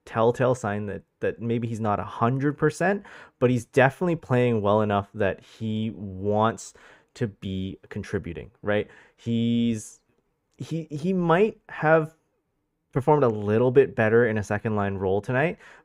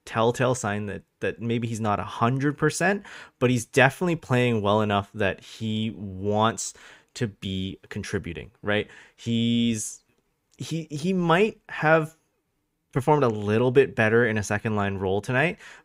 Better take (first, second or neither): second